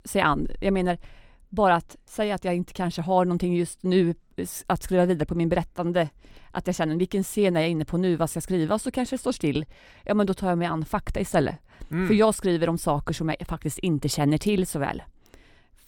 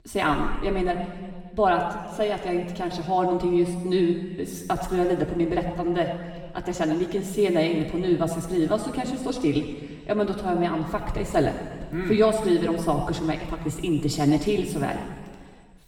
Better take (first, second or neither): first